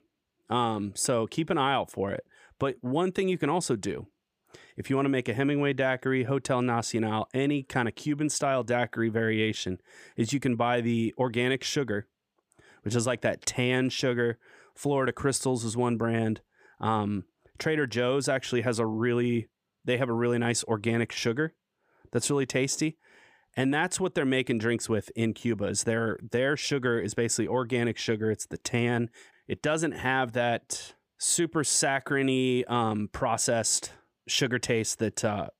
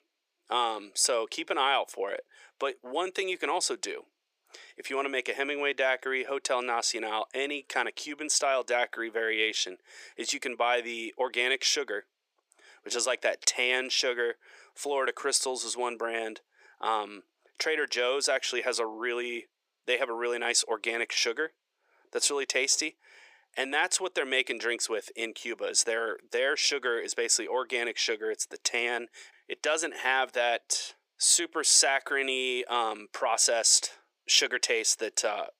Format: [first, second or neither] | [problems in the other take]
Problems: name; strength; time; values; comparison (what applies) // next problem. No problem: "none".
first | thin; very; fading below 400 Hz